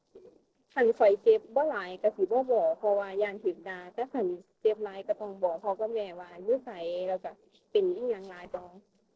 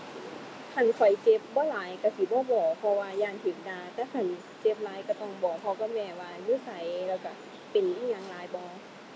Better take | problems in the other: second | noise reduction (neural separator model SepFormer DNS4)

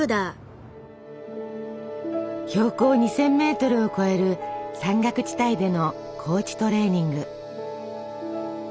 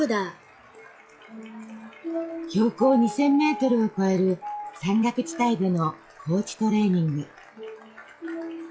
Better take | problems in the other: first | noise reduction (classical method log-MMSE)

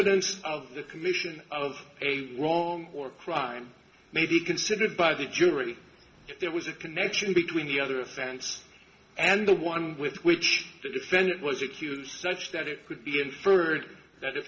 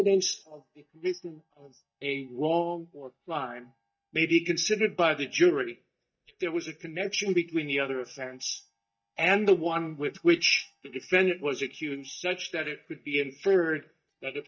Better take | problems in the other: first | noise reduction (neural mask model DeepFilterNet 3)

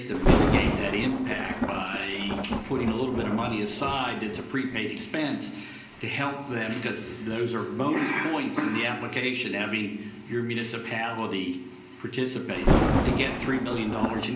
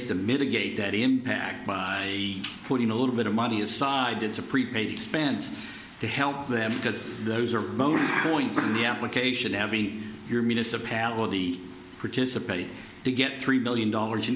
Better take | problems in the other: second | background sound (Thunder); 1 dB below the speech // room echo; dies away in 0.5 s

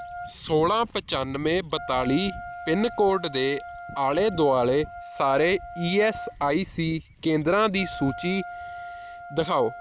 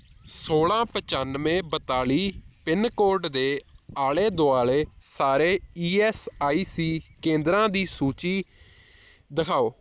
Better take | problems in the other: second | background sound (Wind instrument, woodwind instrument); 14 dB below the speech

